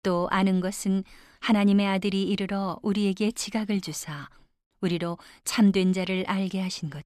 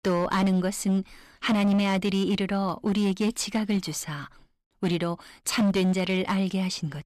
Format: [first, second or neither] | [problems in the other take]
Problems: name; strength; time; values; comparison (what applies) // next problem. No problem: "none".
first | distortion; slight; 11% of the sound clipped